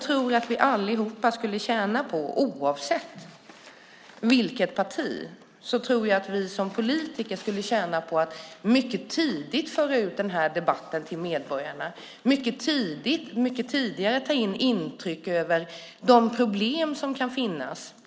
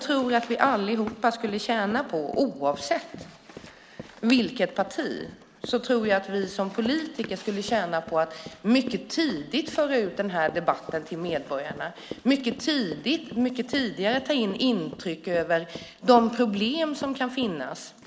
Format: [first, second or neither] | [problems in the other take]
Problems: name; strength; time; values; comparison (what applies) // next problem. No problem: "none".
first | background sound (Run); 18 dB below the speech